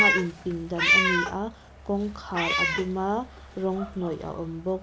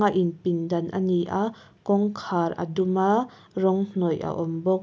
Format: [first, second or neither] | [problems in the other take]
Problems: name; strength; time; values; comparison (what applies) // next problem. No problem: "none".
second | background sound (Meow); 2 dB above the speech